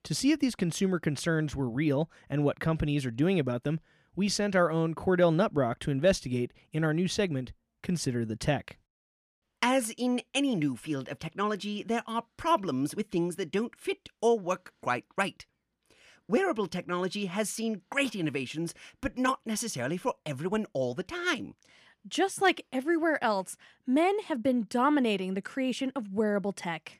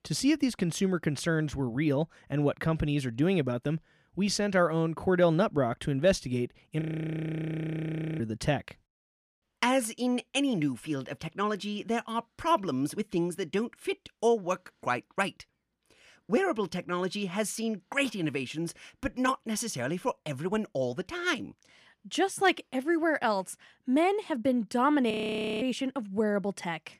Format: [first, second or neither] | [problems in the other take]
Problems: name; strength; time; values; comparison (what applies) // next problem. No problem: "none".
first | audio freezing; at 7 s for 1.5 s and at 25 s for 0.5 s